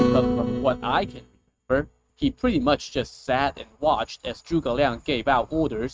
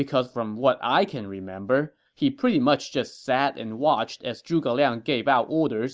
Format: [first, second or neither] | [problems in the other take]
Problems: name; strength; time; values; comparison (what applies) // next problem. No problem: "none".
second | noise reduction (neural mask model RNNoise)